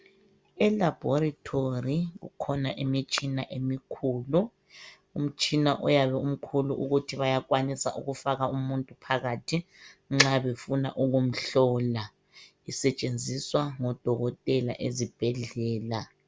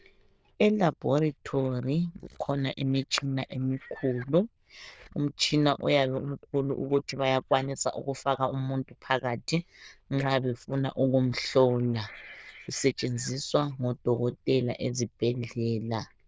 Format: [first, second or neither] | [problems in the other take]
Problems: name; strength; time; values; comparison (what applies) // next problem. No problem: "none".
first | noise reduction (neural diffusion model UNIVERSE++)